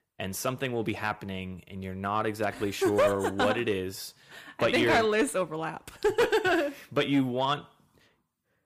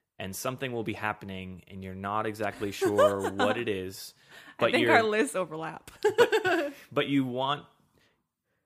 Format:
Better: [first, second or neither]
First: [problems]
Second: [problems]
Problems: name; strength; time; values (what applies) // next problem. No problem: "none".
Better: second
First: distortion; slight; 10 dB below the speech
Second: none